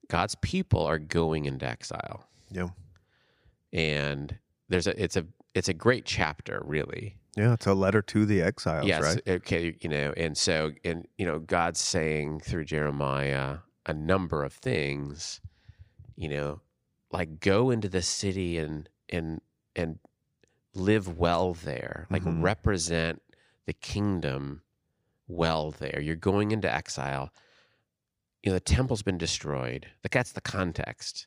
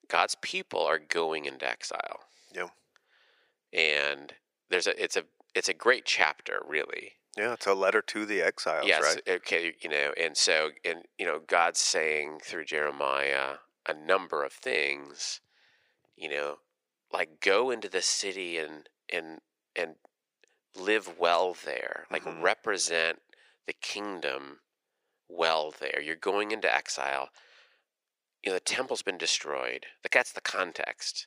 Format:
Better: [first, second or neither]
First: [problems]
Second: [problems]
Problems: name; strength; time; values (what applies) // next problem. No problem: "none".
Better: first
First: none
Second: thin; very; fading below 450 Hz